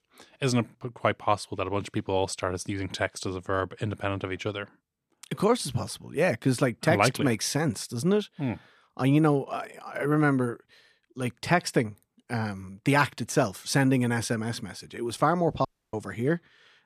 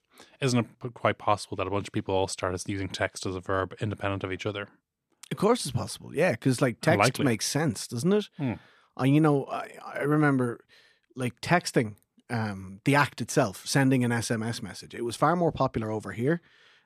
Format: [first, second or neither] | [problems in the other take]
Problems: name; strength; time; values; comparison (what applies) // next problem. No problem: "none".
second | audio cutting out; at 16 s